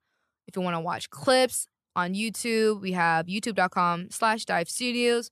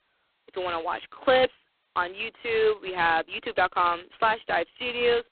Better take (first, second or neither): first